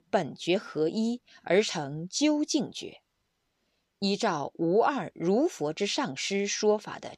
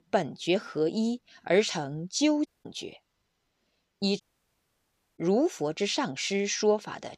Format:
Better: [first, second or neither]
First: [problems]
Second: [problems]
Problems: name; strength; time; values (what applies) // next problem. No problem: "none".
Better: first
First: none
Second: audio cutting out; at 2.5 s and at 4 s for 1 s